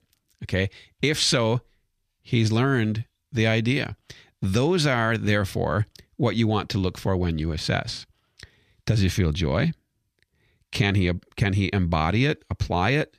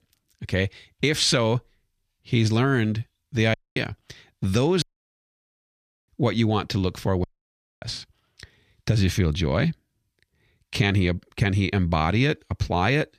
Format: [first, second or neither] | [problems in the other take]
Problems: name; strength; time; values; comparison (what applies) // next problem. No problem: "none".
first | audio cutting out; at 3.5 s, at 5 s for 1.5 s and at 7 s for 0.5 s